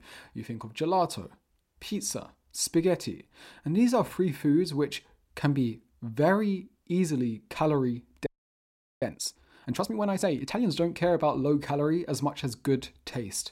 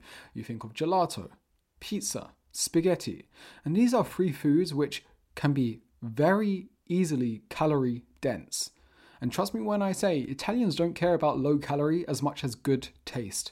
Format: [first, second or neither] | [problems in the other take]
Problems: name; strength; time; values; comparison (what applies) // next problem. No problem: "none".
second | audio freezing; at 8.5 s for 1 s